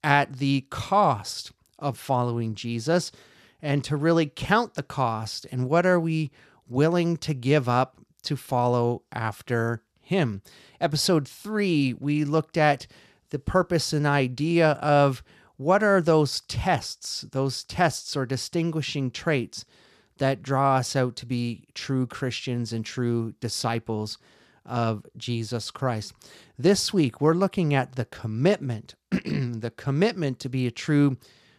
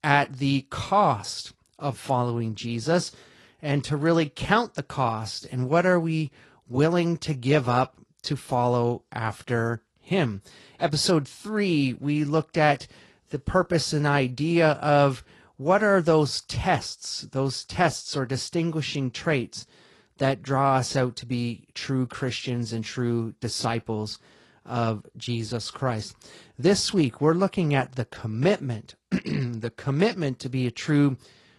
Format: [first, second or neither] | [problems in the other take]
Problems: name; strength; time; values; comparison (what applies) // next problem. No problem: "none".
first | garbled, watery; slightly; nothing above 11 kHz